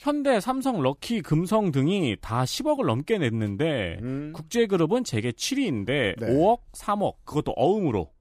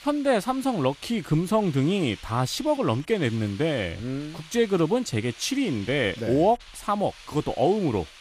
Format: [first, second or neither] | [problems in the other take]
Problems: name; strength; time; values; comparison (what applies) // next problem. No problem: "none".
first | hiss; noticeable; throughout; 20 dB below the speech